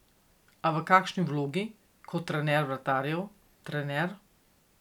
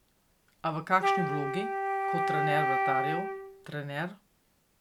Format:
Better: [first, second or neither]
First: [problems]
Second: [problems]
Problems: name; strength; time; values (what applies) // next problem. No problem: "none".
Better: first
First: none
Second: background sound (Wind instrument, woodwind instrument); 4 dB above the speech